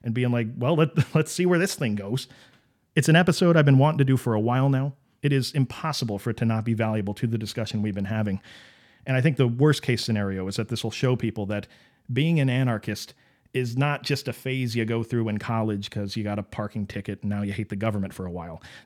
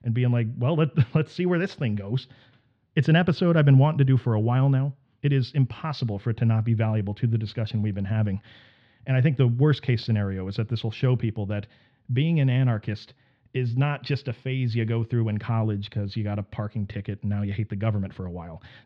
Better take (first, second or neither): first